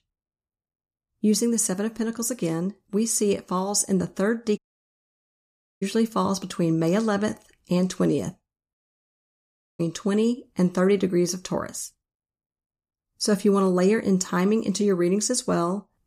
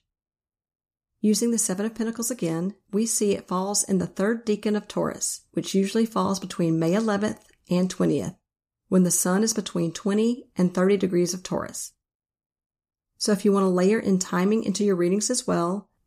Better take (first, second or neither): second